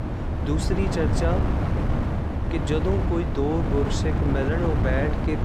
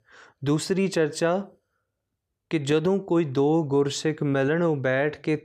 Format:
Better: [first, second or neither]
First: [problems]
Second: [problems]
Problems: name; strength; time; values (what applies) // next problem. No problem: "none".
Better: second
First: wind noise on the microphone; heavy; 2 dB below the speech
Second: none